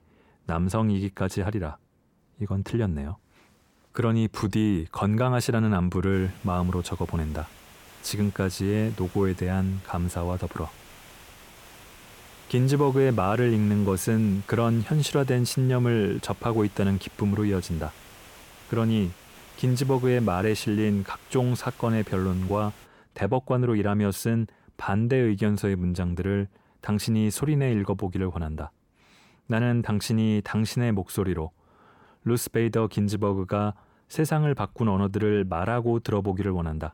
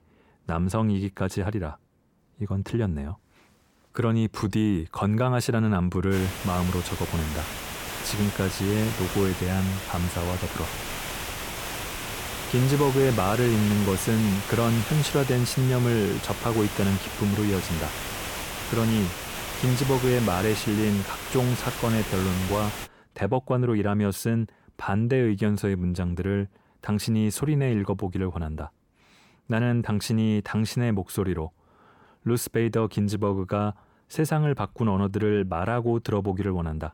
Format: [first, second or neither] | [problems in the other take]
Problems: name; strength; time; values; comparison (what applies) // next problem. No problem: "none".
first | hiss; loud; from 6 to 23 s; 7 dB below the speech; faint in the first